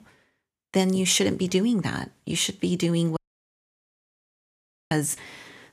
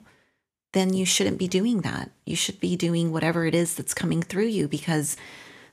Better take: second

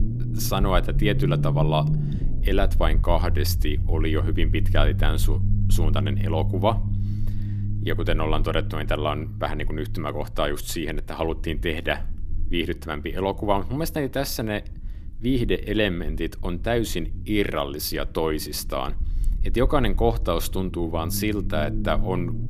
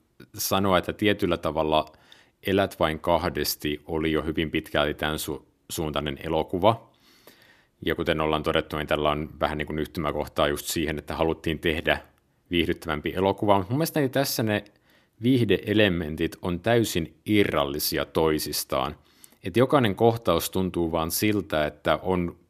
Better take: second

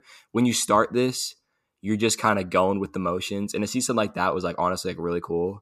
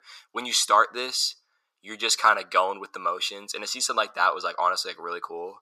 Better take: first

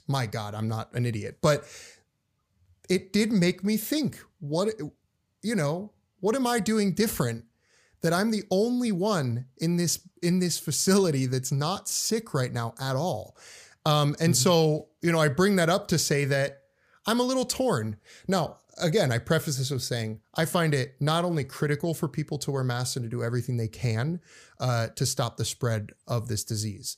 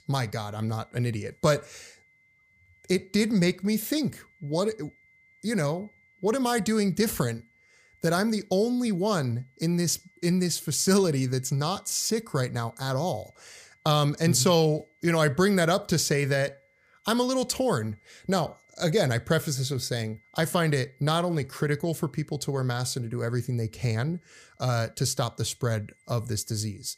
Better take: first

